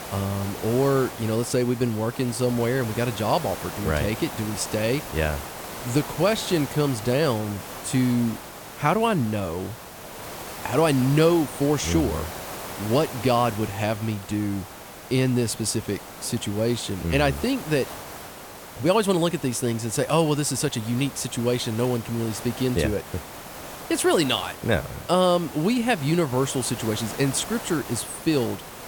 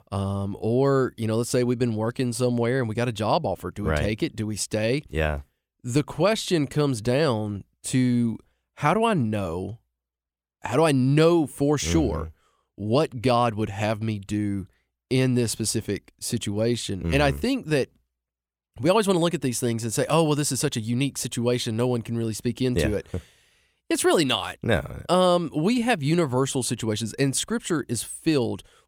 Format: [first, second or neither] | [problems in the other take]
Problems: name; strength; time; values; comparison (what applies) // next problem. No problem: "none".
second | hiss; noticeable; throughout; 10 dB below the speech